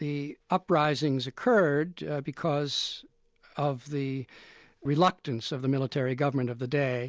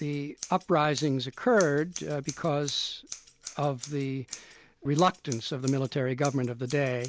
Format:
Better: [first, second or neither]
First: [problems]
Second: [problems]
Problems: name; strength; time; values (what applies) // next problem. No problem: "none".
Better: first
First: none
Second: background sound (Scissors); 17 dB below the speech